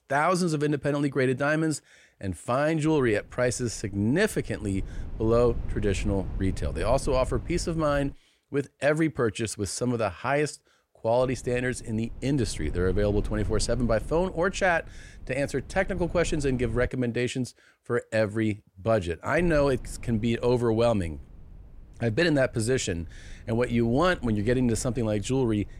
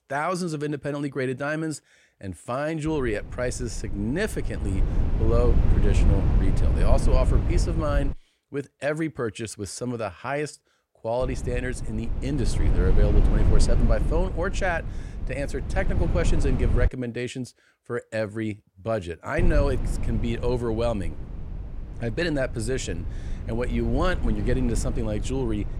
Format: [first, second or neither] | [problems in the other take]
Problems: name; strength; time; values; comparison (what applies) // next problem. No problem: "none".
first | low rumble; loud; from 3 to 8 s, from 11 to 17 s and from 19 s on; 9 dB below the speech; faint in the first